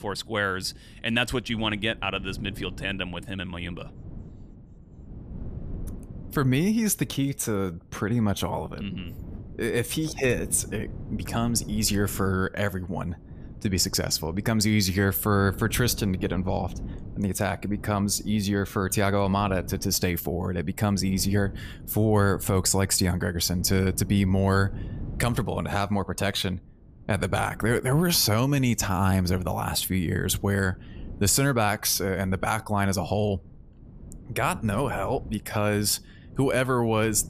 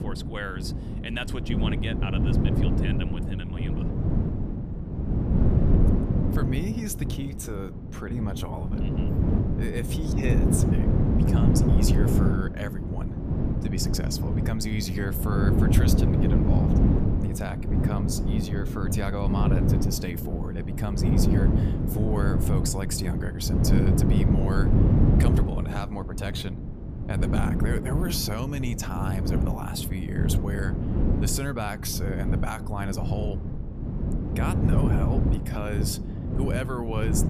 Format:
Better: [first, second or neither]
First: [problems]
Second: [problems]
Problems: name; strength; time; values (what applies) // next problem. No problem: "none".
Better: first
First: wind noise on the microphone; occasional gusts; 25 dB below the speech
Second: wind noise on the microphone; heavy; as loud as the speech